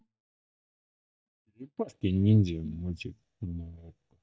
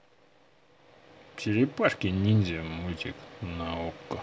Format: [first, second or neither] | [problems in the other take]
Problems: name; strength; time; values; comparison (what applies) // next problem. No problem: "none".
second | noise reduction (neural mask model DeepFilterNet 3)